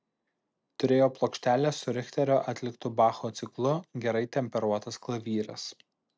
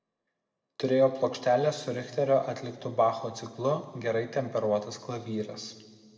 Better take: first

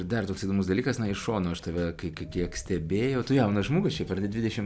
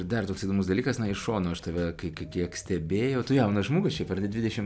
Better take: second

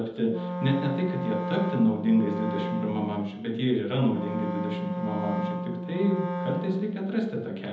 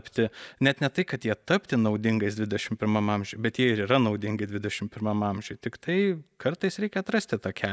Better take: second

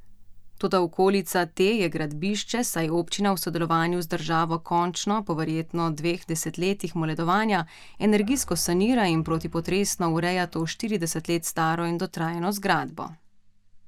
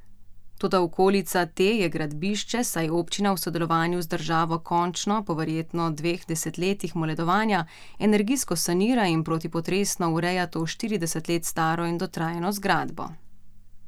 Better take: second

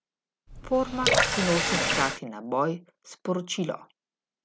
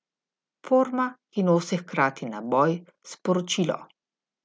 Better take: second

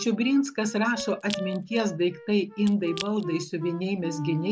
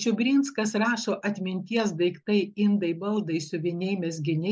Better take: second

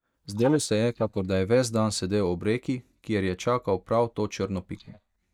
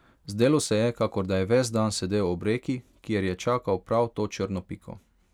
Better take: second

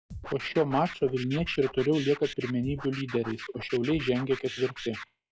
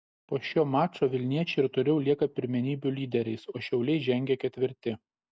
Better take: second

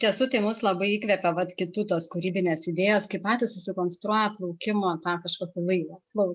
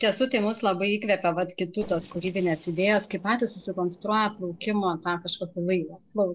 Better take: first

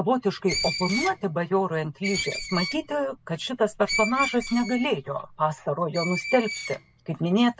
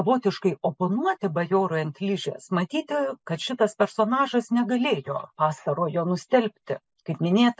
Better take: second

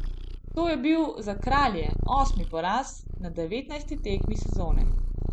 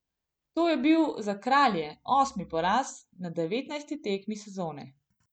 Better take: second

